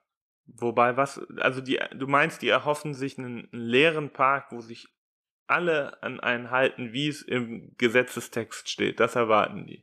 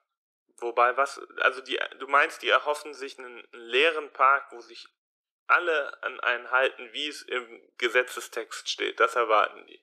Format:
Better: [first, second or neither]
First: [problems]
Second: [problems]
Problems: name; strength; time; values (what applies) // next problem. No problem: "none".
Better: first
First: none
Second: thin; very; fading below 350 Hz